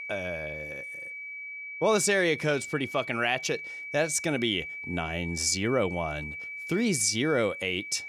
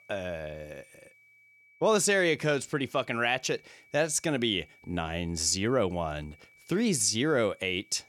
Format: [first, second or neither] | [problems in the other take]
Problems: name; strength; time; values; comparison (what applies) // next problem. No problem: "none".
second | high-pitched whine; loud; throughout; 2.5 kHz, 9 dB below the speech; faint in the second